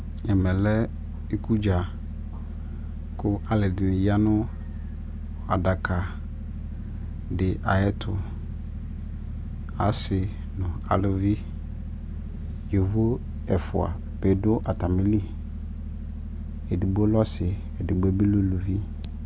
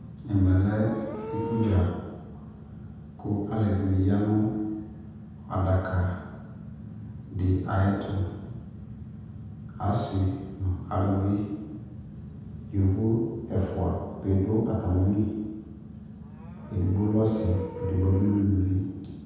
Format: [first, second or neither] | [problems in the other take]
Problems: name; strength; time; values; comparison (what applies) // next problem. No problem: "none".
first | background sound (Livestock, farm animals, working animals); 18 dB below the speech // room echo; dies away in 1.2 s